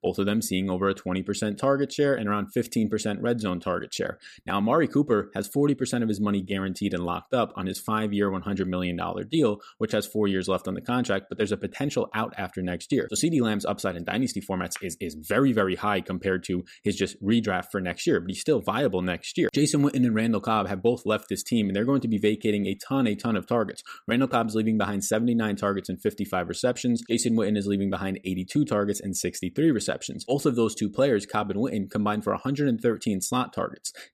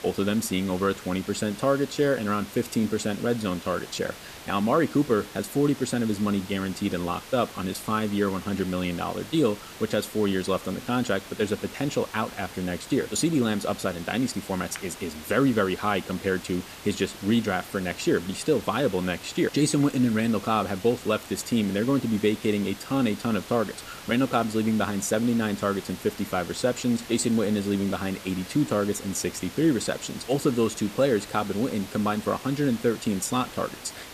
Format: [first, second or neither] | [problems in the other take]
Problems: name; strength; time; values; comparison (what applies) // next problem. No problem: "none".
first | hiss; noticeable; throughout; 15 dB below the speech